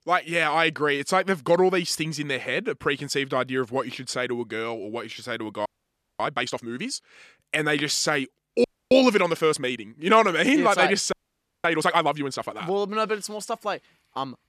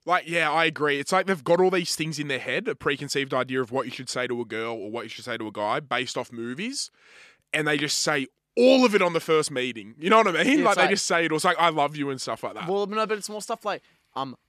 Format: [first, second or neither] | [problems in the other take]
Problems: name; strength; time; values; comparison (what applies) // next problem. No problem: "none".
second | audio freezing; at 5.5 s for 0.5 s, at 8.5 s and at 11 s for 0.5 s